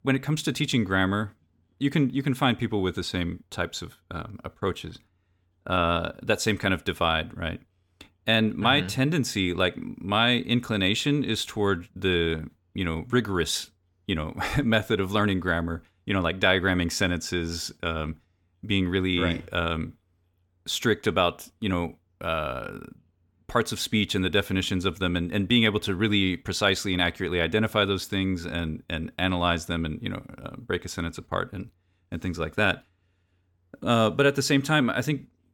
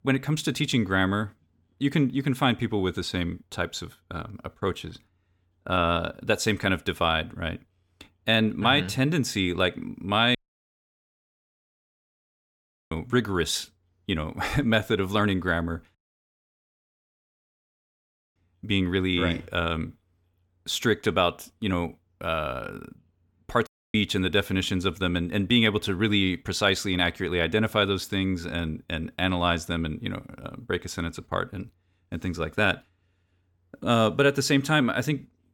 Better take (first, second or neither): first